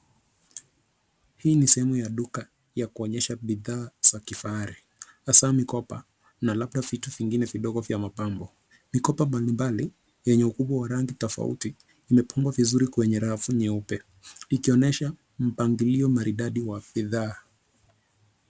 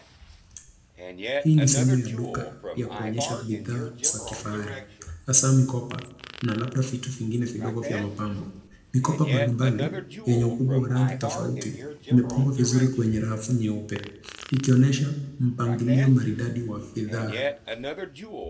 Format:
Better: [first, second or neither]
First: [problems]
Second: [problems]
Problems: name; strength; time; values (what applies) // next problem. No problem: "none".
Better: first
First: none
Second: background sound (Fart); 12 dB below the speech // room echo; dies away in 0.7 s